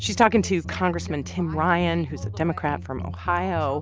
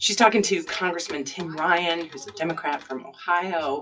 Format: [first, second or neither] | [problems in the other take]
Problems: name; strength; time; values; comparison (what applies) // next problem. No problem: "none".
first | noise reduction (classical method WPE with log-MMSE)